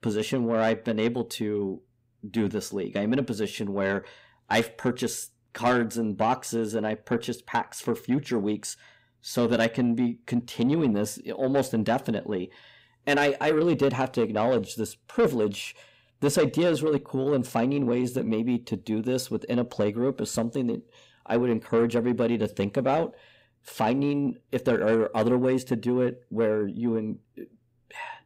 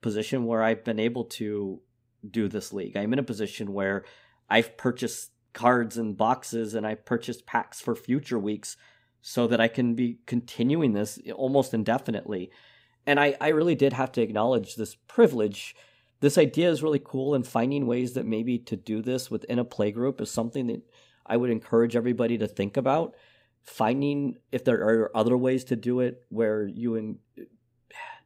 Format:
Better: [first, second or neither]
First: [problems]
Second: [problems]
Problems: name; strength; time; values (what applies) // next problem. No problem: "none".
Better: second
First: distortion; slight; 10 dB below the speech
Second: none